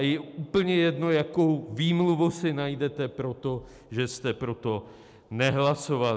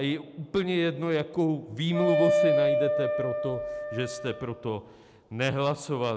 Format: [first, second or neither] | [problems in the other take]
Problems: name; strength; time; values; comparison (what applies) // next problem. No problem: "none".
first | background sound (Wind instrument, woodwind instrument); 2 dB above the speech